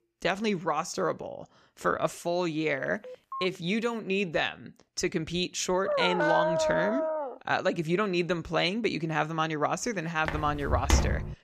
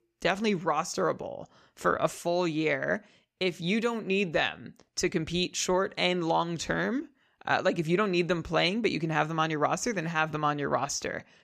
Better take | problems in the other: second | phone ringing; noticeable; at 3 s; peak 10 dB below the speech // dog barking; loud; from 6 to 7.5 s; peak 3 dB above the speech // footsteps; loud; at 10 s; peak 3 dB above the speech

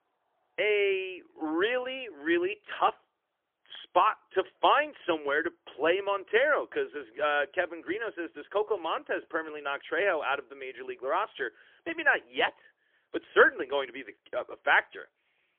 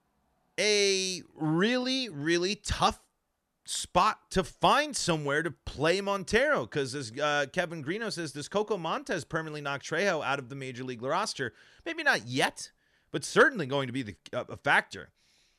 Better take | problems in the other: second | phone-call audio; poor line; nothing above 3.5 kHz

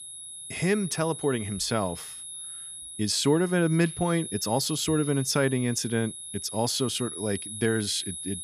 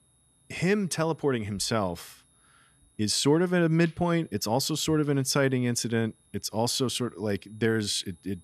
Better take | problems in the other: second | high-pitched whine; loud; throughout; 10.5 kHz, 9 dB below the speech; faint in the second

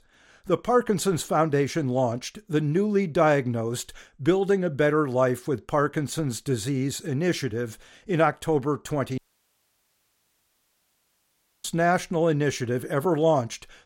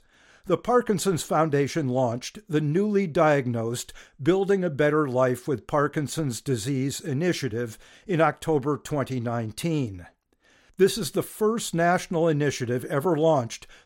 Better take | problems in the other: second | audio cutting out; at 9 s for 2.5 s

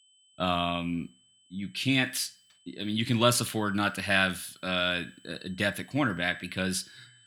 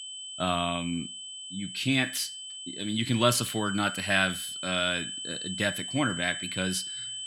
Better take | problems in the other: first | high-pitched whine; loud; throughout; 3 kHz, 7 dB below the speech; faint in the first

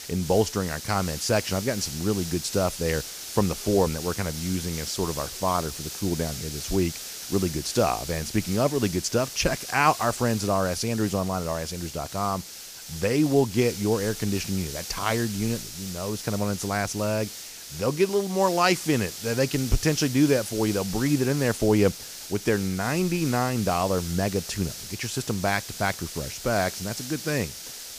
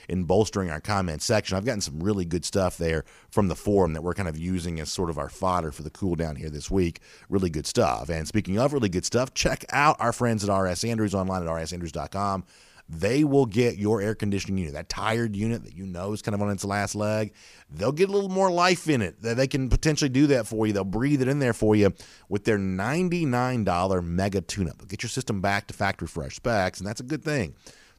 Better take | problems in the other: second | hiss; loud; throughout; 9 dB below the speech

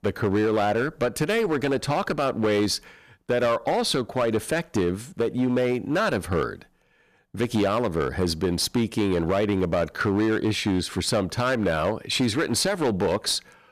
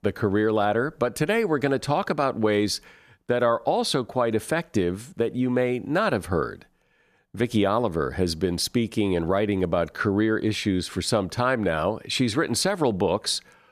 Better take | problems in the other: second | distortion; slight; 11% of the sound clipped

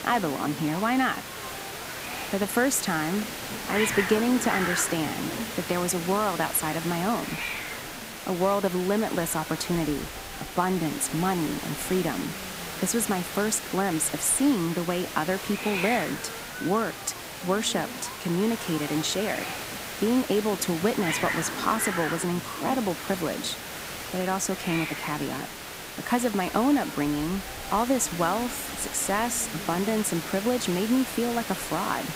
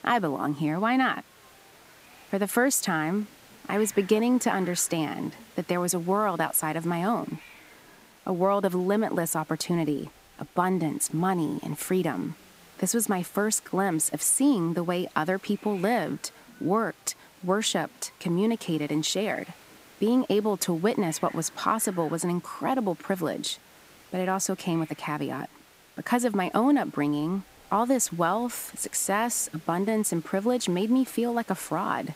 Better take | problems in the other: second | hiss; loud; throughout; 6 dB below the speech; faint in the second

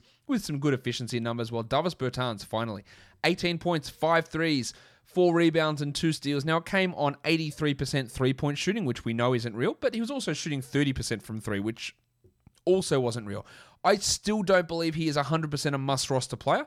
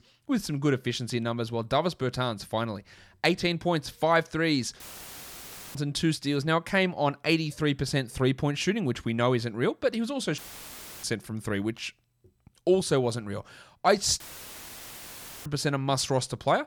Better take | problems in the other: first | audio cutting out; filled with static; at 5 s for 1 s, at 10 s for 0.5 s and at 14 s for 1.5 s

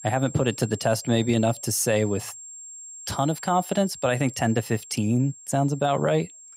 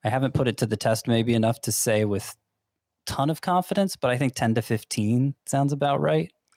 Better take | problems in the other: second | high-pitched whine; noticeable; throughout; 7.5 kHz, 15 dB below the speech

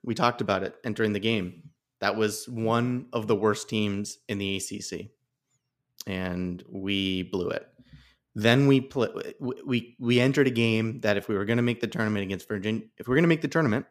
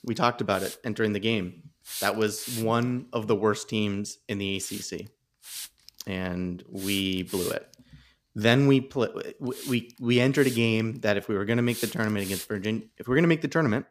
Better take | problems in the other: first | hiss; noticeable; throughout; 10 dB below the speech

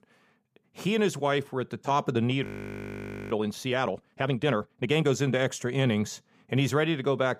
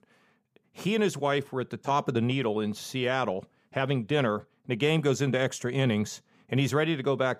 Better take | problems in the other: second | audio freezing; at 2.5 s for 1 s

